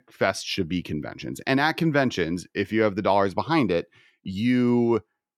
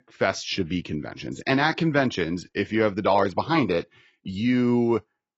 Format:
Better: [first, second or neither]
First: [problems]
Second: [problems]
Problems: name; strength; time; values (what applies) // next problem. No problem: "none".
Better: first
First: none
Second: garbled, watery; badly; nothing above 6.5 kHz